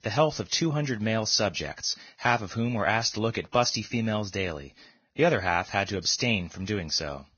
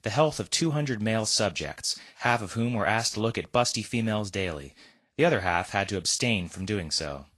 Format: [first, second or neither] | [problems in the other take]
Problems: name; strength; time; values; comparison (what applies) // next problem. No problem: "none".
second | garbled, watery; badly; nothing above 6.5 kHz; slightly in the second